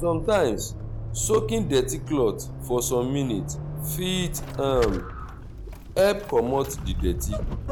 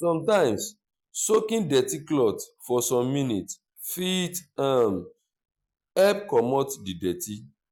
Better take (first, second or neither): second